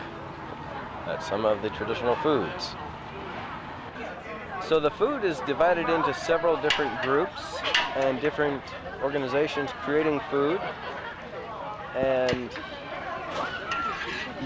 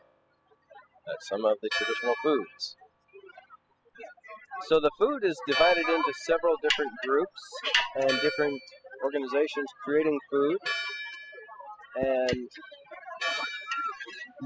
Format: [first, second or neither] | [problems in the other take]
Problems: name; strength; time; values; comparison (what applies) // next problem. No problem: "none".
first | noise reduction (classical method spectral subtraction)